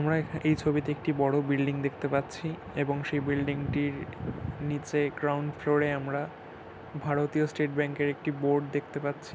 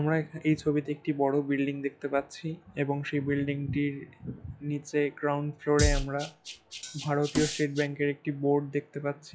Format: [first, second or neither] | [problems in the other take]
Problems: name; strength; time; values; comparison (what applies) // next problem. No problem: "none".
first | noise reduction (classical method log-MMSE)